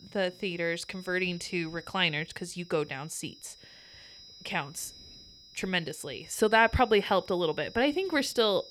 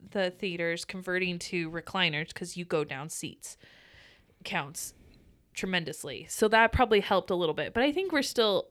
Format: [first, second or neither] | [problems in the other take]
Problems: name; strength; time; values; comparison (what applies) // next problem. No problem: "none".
second | high-pitched whine; faint; throughout; 5 kHz, 20 dB below the speech